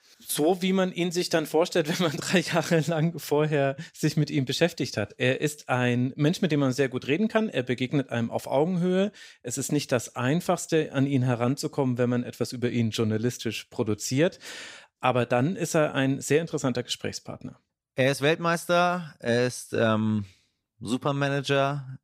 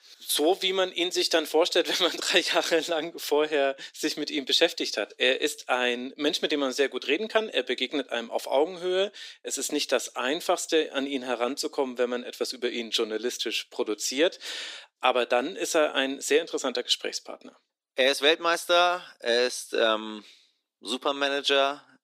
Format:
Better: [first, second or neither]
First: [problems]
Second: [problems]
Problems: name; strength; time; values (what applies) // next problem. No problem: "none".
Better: first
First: none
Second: thin; somewhat; fading below 300 Hz